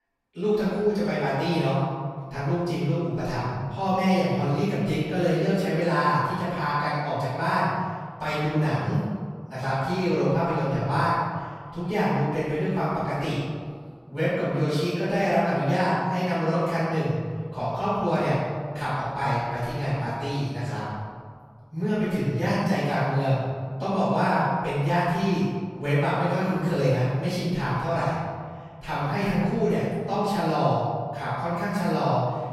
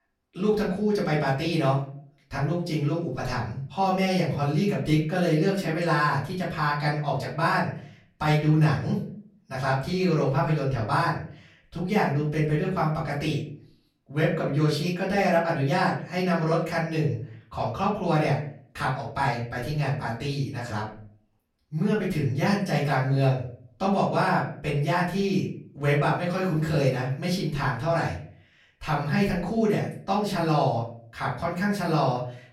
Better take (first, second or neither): second